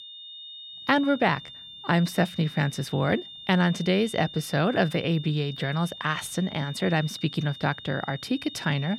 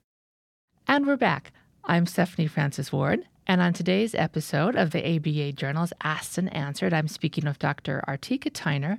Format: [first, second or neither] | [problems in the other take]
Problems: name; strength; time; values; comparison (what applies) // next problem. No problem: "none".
second | high-pitched whine; noticeable; throughout; 3.5 kHz, 15 dB below the speech